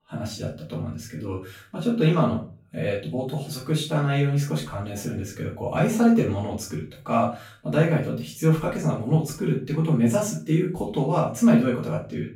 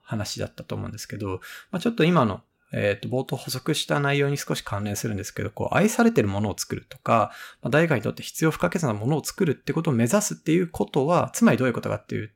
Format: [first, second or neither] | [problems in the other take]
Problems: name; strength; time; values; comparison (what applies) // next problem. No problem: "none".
second | room echo; slight; dies away in 0.3 s // off-mic speech; far